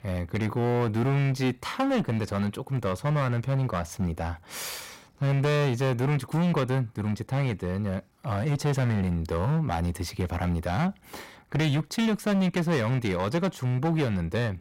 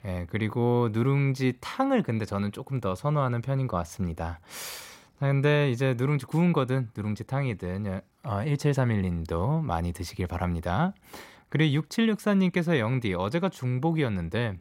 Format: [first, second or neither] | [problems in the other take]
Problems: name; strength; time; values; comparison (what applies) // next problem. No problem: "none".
second | distortion; slight; 14% of the sound clipped